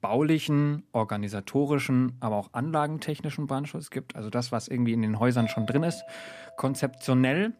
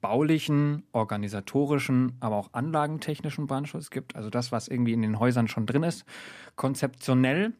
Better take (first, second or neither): second